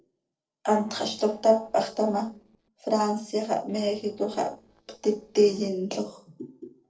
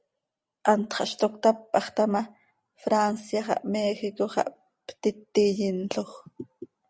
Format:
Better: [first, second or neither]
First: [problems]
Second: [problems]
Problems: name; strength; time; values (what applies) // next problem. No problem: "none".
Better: second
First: noise reduction (neural separator model SepFormer DNS4)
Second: none